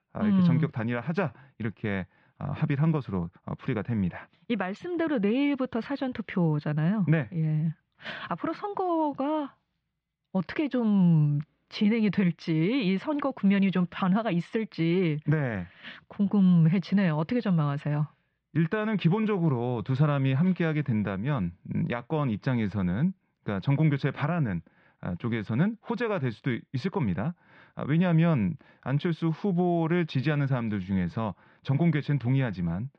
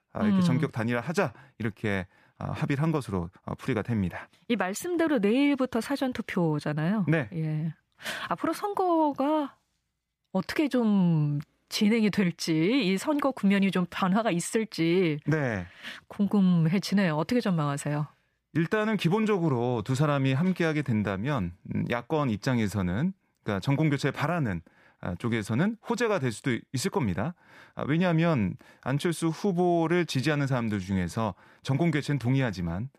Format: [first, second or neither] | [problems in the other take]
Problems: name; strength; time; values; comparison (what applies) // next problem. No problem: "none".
second | muffled; slightly; fading above 4 kHz